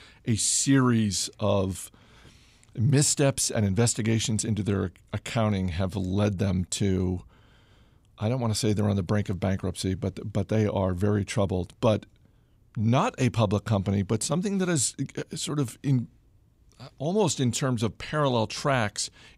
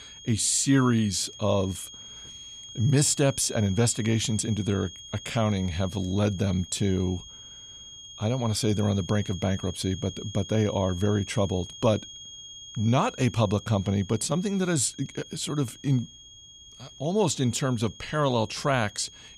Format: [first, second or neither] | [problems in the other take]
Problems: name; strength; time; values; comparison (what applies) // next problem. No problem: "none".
first | high-pitched whine; noticeable; throughout; 3.5 kHz, 15 dB below the speech